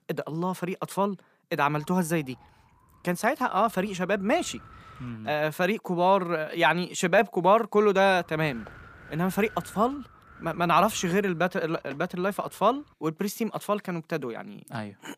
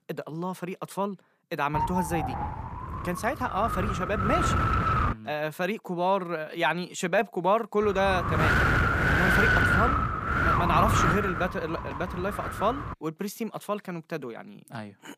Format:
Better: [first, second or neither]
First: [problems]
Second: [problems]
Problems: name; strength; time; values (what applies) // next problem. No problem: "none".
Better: first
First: wind noise on the microphone; occasional gusts; from 1.5 to 5 s and from 8 to 13 s; 25 dB below the speech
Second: wind noise on the microphone; heavy; from 1.5 to 5 s and from 8 to 13 s; 4 dB above the speech